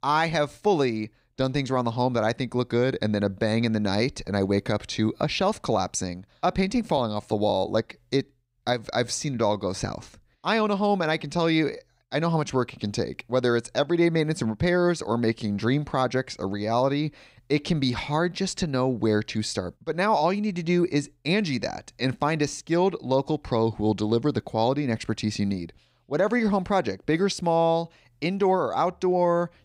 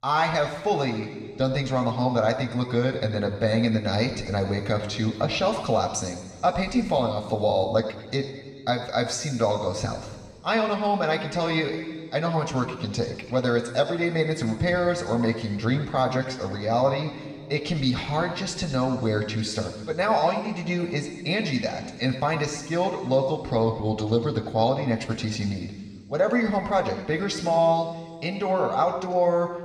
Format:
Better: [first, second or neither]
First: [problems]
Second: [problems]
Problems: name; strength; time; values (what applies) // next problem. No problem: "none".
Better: first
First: none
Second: room echo; noticeable; dies away in 1.7 s // off-mic speech; somewhat distant